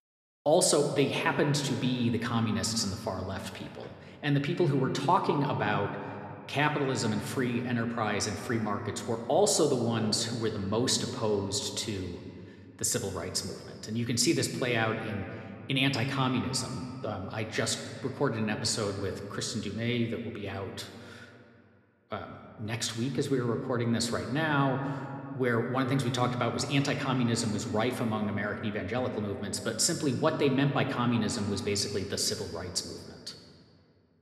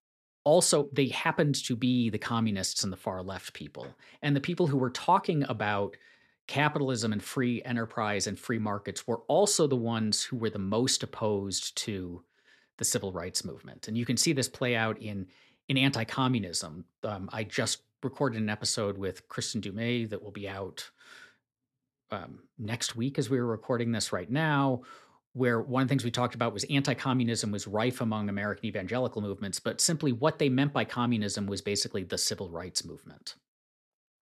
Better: second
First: room echo; slight; dies away in 2 s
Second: none

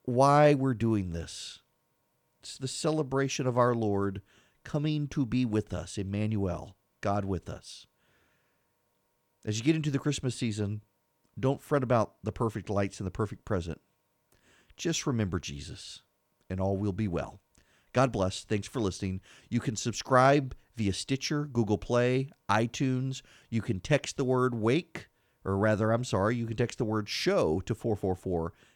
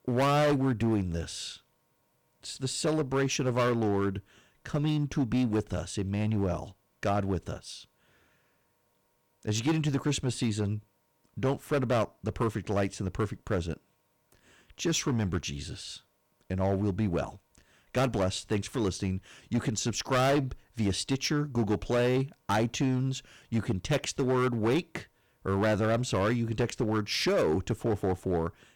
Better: first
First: none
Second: distortion; heavy; 8% of the sound clipped

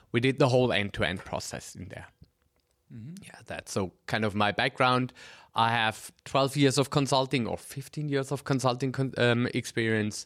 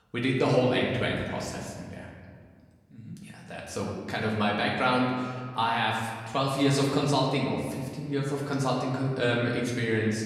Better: first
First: none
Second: room echo; noticeable; dies away in 1.6 s // off-mic speech; far

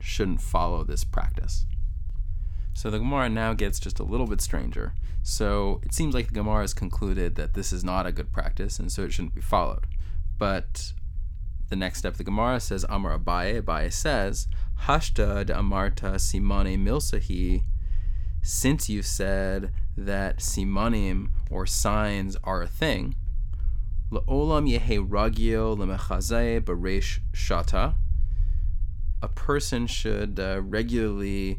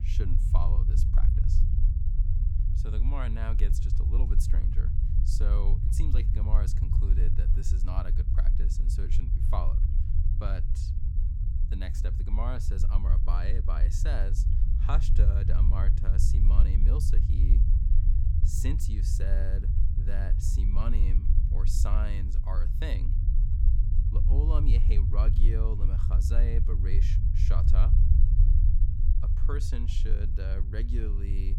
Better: first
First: low rumble; faint; throughout; 25 dB below the speech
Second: low rumble; loud; throughout; 3 dB below the speech

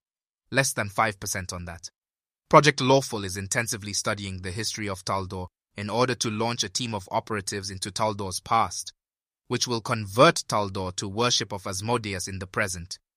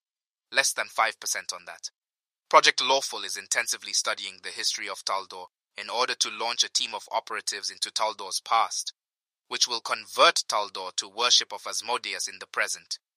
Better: first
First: none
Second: thin; very; fading below 700 Hz

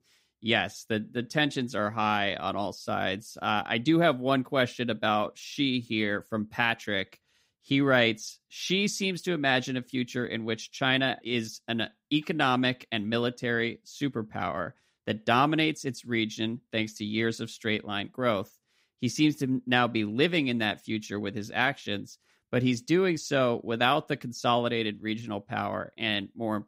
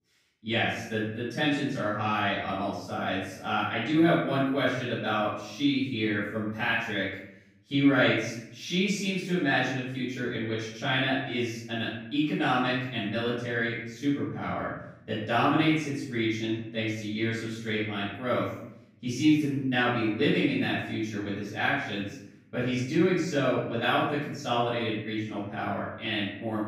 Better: first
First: none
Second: off-mic speech; far // room echo; strong; dies away in 0.8 s

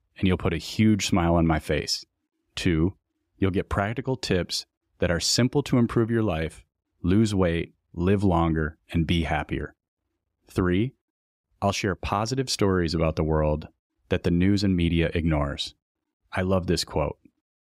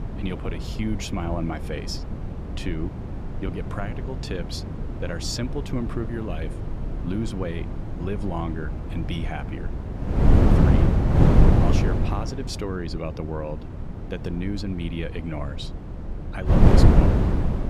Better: first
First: none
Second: wind noise on the microphone; heavy; 2 dB above the speech

